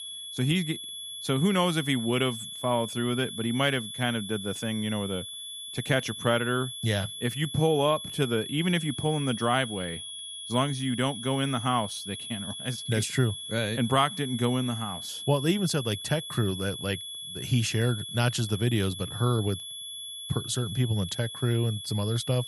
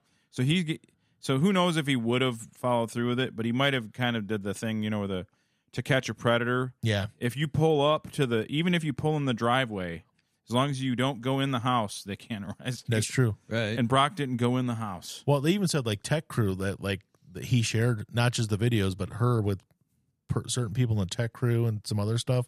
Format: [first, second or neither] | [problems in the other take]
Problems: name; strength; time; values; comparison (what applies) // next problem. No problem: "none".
second | high-pitched whine; loud; throughout; 3.5 kHz, 8 dB below the speech